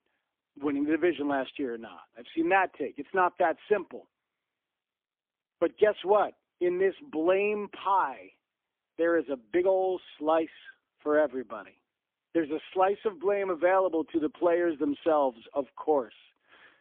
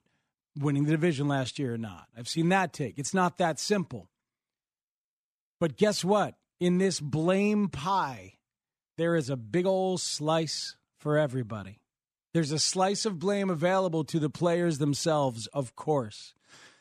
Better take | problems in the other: second | phone-call audio; poor line; nothing above 3.5 kHz

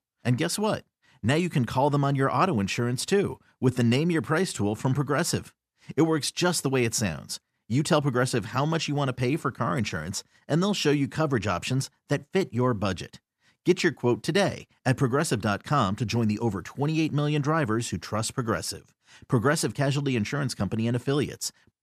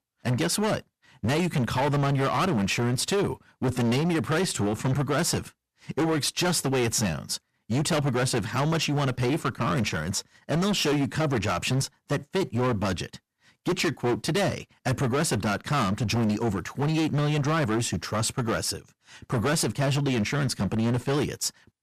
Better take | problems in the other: first | distortion; heavy; 20% of the sound clipped

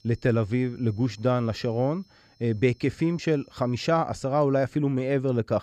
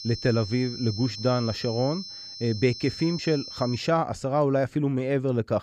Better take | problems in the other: first | high-pitched whine; loud; until 4 s; 5.5 kHz, 10 dB below the speech; faint in the first

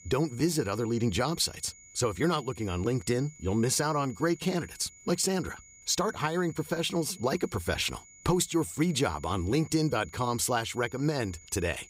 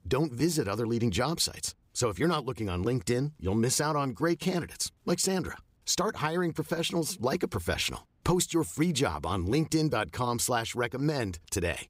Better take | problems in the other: second | high-pitched whine; faint; throughout; 7 kHz, 20 dB below the speech

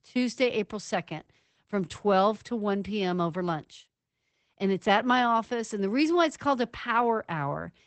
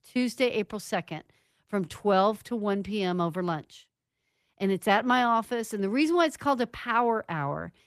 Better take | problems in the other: second | garbled, watery; badly; nothing above 8 kHz; slightly in the second

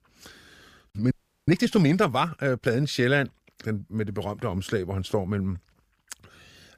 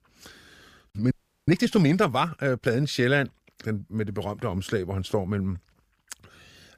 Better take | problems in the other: neither | audio freezing; at 1 s; the same in both

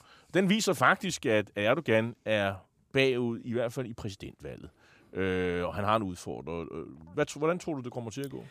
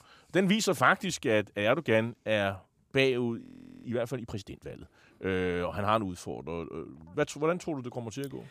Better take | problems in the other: first | audio freezing; at 3.5 s

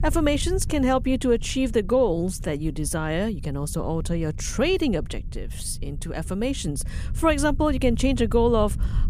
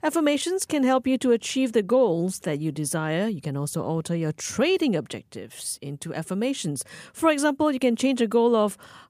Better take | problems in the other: second | low rumble; faint; throughout; 25 dB below the speech

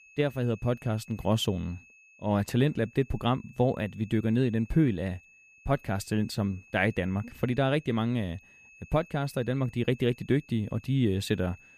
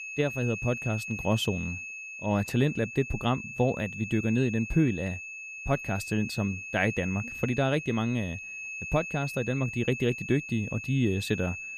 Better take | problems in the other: first | high-pitched whine; loud; throughout; 2.5 kHz, 8 dB below the speech; faint in the first

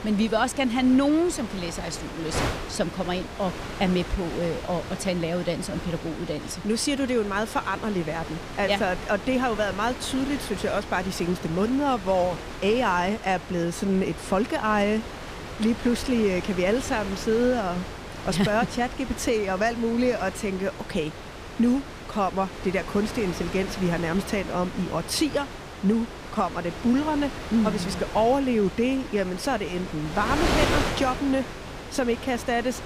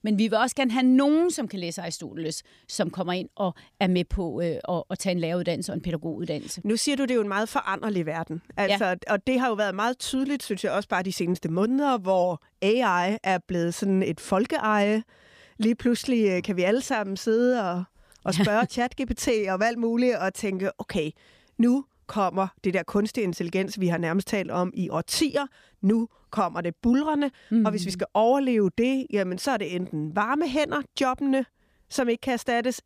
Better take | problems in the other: second | wind noise on the microphone; heavy; 8 dB below the speech

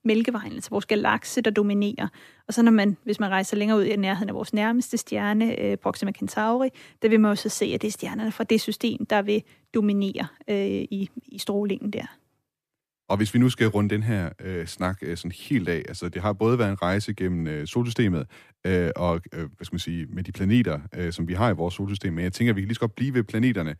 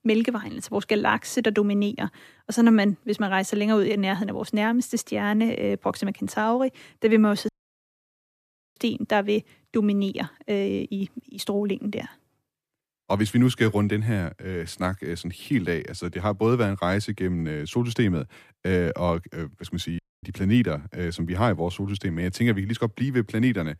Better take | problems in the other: first | audio cutting out; at 7.5 s for 1.5 s and at 20 s

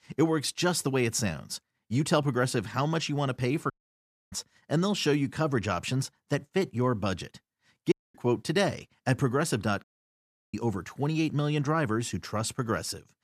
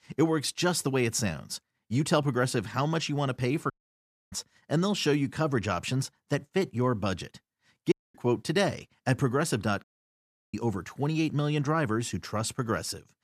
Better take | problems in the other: neither | audio cutting out; at 3.5 s for 0.5 s, at 8 s and at 10 s for 0.5 s; the same in both

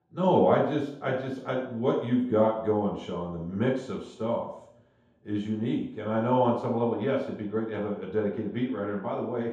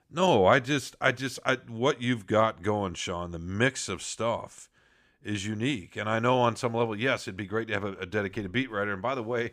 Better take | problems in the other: second | room echo; noticeable; dies away in 0.8 s // off-mic speech; far

